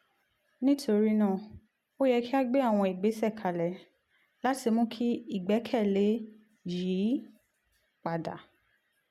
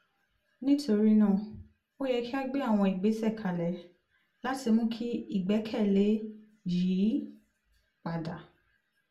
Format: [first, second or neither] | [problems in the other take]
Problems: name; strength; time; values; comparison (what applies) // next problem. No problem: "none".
first | room echo; dies away in 0.2 s